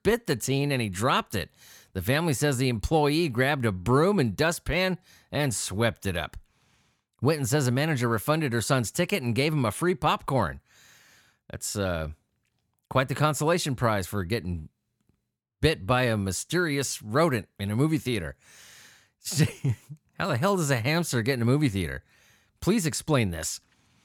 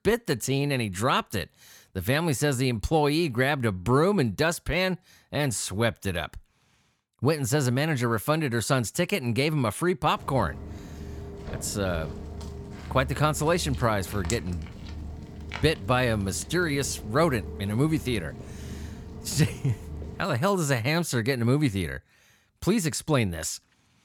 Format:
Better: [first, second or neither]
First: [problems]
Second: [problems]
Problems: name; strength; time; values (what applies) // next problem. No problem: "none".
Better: first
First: none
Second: footsteps; noticeable; from 10 to 20 s; peak 8 dB below the speech